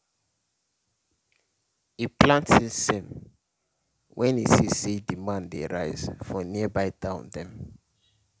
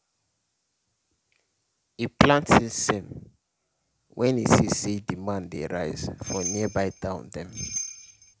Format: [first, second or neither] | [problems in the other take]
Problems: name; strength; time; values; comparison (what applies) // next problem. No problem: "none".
first | background sound (Bell); 9 dB below the speech